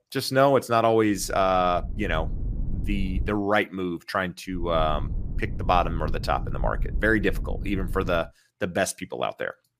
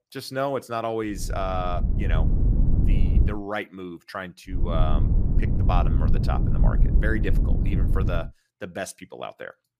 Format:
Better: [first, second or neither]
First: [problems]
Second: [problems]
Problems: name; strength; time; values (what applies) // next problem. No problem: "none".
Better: first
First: low rumble; faint; from 1 to 3.5 s and from 4.5 to 8 s; 20 dB below the speech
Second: low rumble; loud; from 1 to 3.5 s and from 4.5 to 8 s; 7 dB below the speech